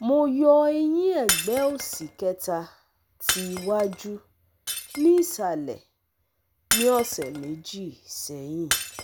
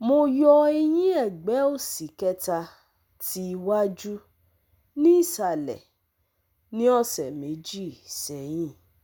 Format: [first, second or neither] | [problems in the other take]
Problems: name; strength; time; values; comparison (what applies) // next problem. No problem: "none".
second | background sound (Shatter); 8 dB below the speech